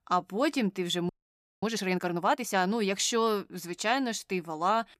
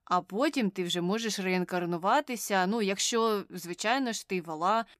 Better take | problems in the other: second | audio freezing; at 1 s for 0.5 s

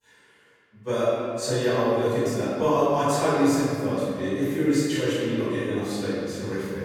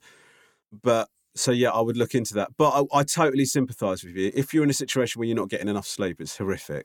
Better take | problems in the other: second | off-mic speech; far // room echo; strong; dies away in 2.2 s

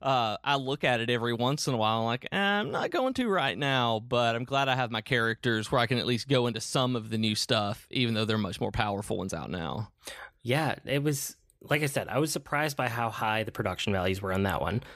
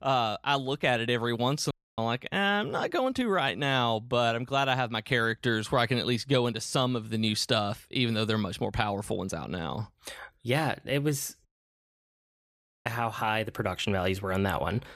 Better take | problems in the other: first | audio cutting out; at 1.5 s and at 11 s for 1.5 s

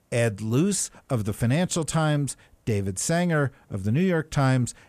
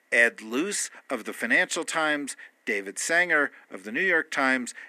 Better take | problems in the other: first | thin; very; fading below 250 Hz

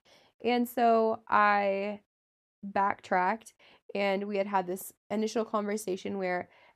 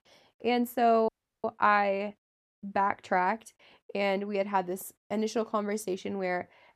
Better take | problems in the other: first | audio freezing; at 1 s

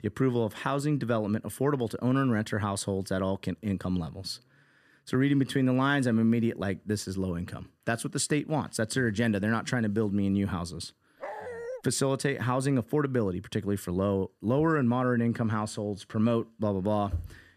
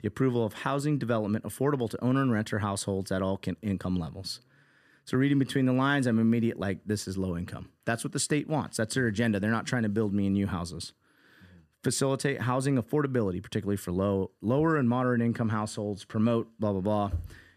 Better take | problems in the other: second | dog barking; noticeable; at 11 s; peak 10 dB below the speech

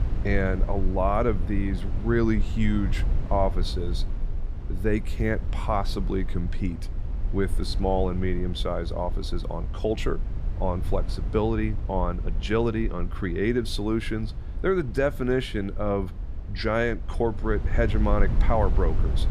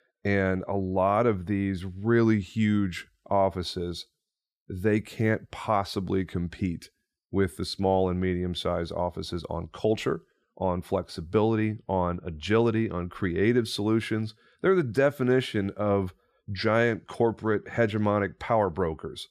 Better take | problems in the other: second | low rumble; noticeable; throughout; 15 dB below the speech

